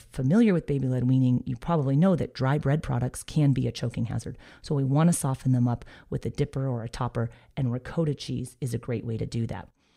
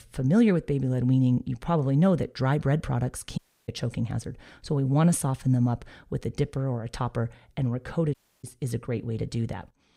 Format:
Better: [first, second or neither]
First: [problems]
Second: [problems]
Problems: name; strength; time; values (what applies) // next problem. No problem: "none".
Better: first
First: none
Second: audio cutting out; at 3.5 s and at 8 s